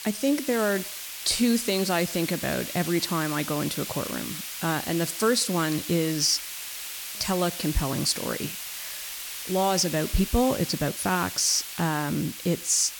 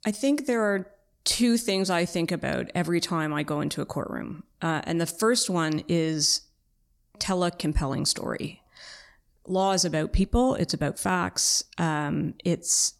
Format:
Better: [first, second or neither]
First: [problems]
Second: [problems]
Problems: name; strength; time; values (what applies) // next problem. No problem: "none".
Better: second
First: hiss; loud; throughout; 7 dB below the speech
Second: none